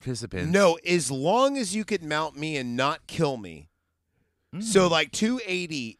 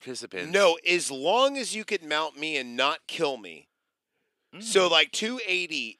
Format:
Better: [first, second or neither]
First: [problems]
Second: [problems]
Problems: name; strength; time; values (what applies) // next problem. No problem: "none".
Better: first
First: none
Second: thin; somewhat; fading below 400 Hz